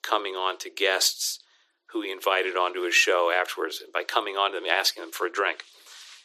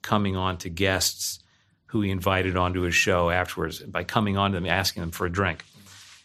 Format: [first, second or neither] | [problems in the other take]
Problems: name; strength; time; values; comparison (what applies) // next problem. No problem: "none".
second | thin; very; fading below 350 Hz